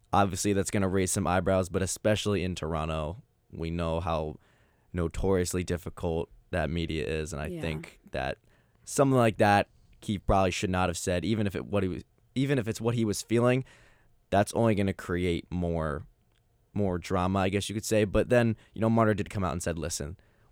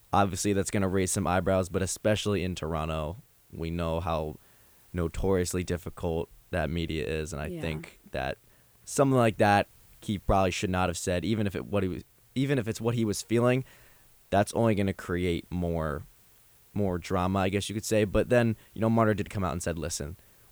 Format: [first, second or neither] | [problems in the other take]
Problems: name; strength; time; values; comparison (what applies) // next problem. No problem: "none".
first | hiss; faint; throughout; 30 dB below the speech